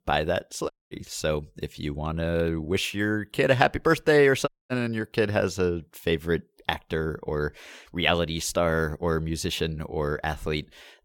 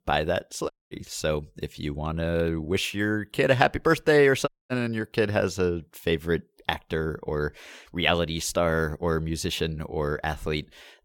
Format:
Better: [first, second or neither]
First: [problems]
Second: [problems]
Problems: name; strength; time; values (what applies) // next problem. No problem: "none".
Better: neither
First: audio cutting out; at 0.5 s and at 4.5 s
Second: audio cutting out; at 0.5 s and at 4.5 s